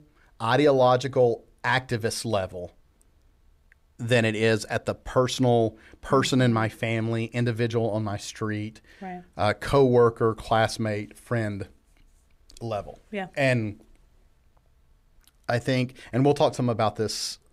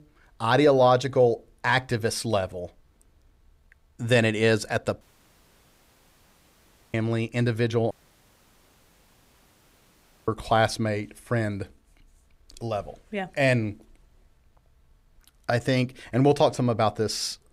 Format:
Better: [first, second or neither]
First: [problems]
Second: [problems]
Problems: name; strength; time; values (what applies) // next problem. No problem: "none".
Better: first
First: none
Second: audio cutting out; at 5 s for 2 s and at 8 s for 2.5 s